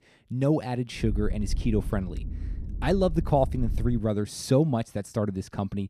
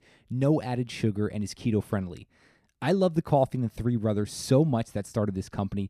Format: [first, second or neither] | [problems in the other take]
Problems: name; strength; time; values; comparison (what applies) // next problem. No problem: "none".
second | low rumble; faint; from 1 to 4 s; 20 dB below the speech